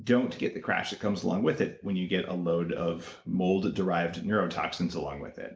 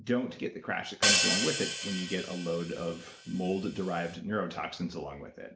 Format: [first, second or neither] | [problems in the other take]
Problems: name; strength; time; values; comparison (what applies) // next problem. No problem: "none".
first | background sound (Hi-hat); 2 dB above the speech